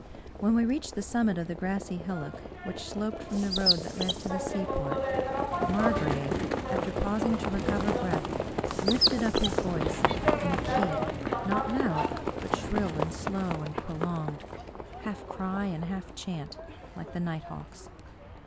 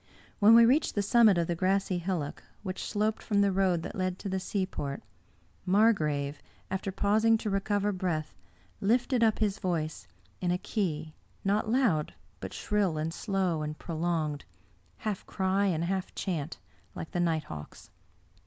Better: second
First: background sound (Chirp, tweet + Livestock, farm animals, working animals); 1 dB above the speech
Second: none

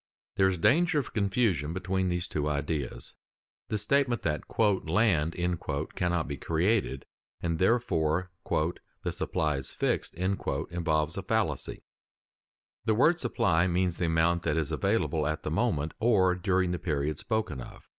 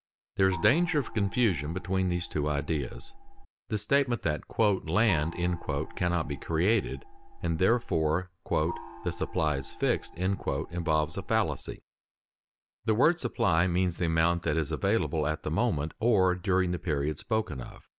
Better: first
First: none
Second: background sound (Gong); 13 dB below the speech

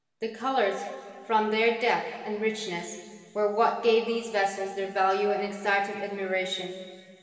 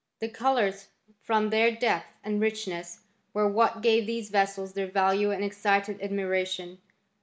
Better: second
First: room echo; dies away in 2.3 s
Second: none

